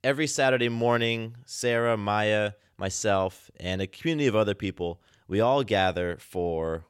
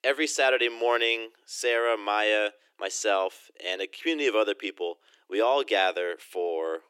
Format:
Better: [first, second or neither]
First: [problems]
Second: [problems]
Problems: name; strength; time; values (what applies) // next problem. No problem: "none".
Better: first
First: none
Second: thin; very; fading below 300 Hz